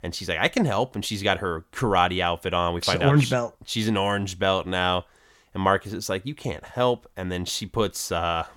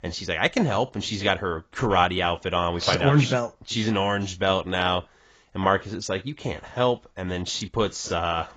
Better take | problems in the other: first | garbled, watery; badly; nothing above 7.5 kHz

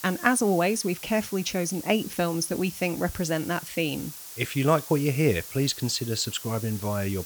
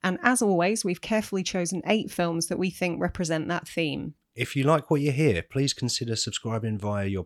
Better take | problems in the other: second | hiss; noticeable; throughout; 10 dB below the speech

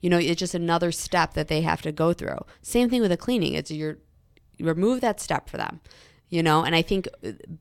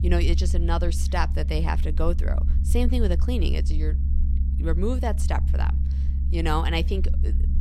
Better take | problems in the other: first | low rumble; noticeable; throughout; 10 dB below the speech

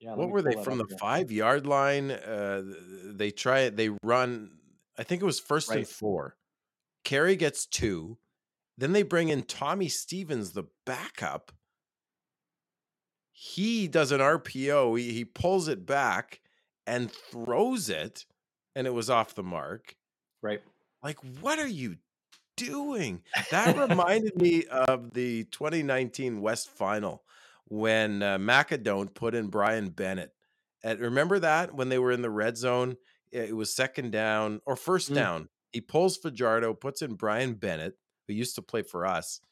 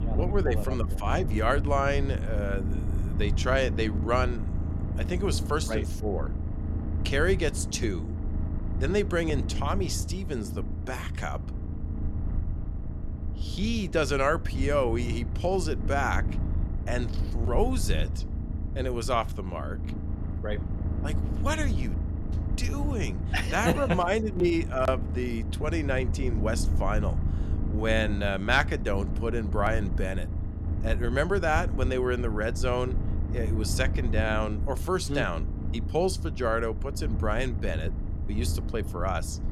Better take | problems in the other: first | low rumble; noticeable; throughout; 15 dB below the speech

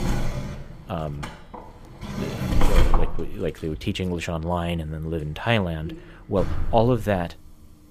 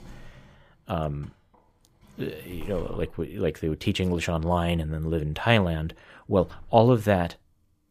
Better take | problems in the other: second | household noises; loud; throughout; 3 dB below the speech; faint in the second

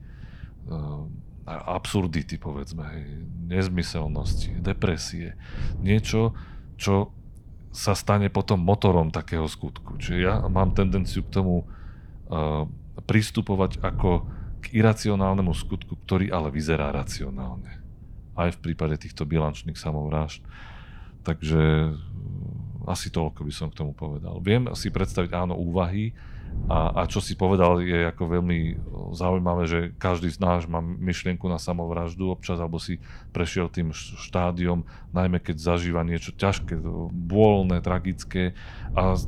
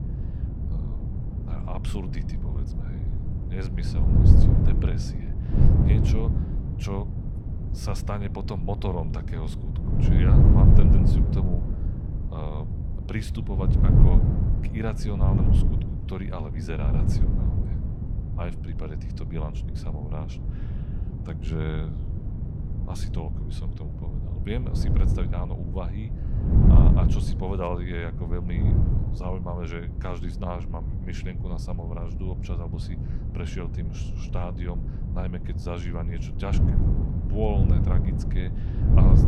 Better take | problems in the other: first | wind noise on the microphone; heavy; as loud as the speech; occasional gusts in the first

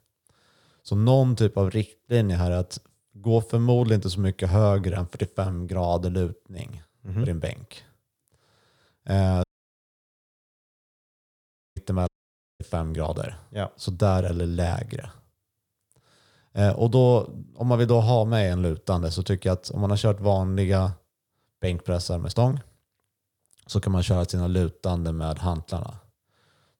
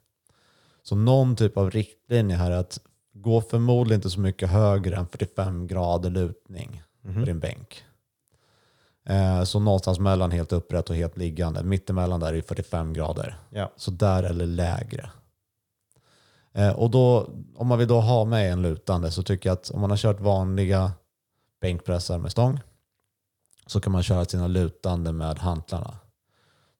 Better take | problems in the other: second | audio cutting out; at 9.5 s for 2.5 s and at 12 s for 0.5 s

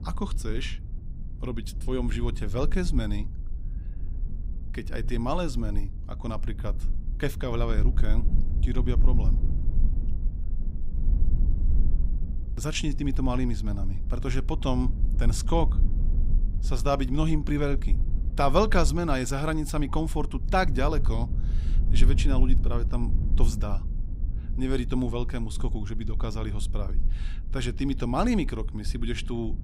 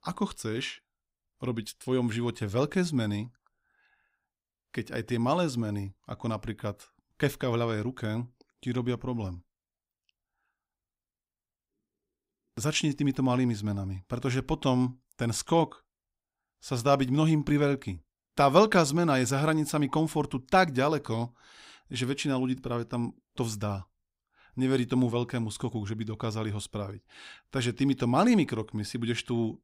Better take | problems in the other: second | low rumble; noticeable; throughout; 15 dB below the speech

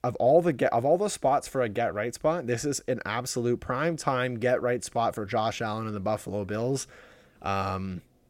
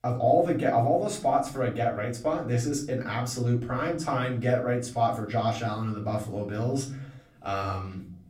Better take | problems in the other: first | off-mic speech; far // room echo; slight; dies away in 0.6 s

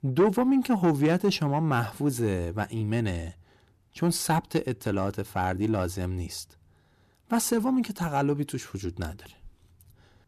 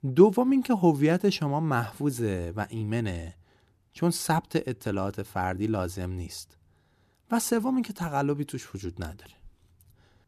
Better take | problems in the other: second | distortion; slight; 10 dB below the speech

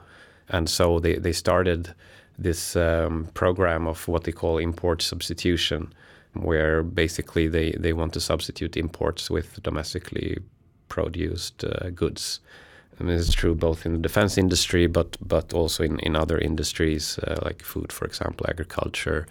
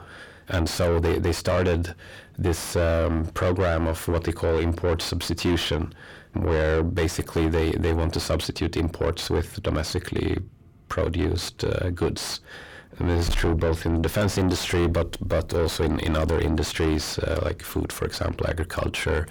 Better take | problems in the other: first | distortion; heavy; 5 dB below the speech

